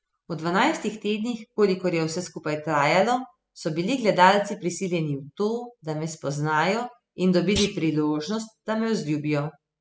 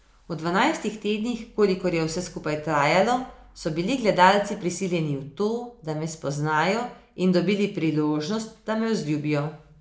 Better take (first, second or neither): second